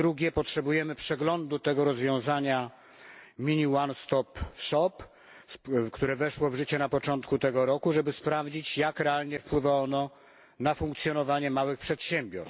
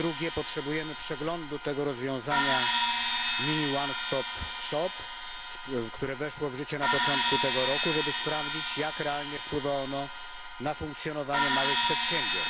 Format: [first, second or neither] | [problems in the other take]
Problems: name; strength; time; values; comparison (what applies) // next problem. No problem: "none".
first | background sound (Crash cymbal); 1 dB above the speech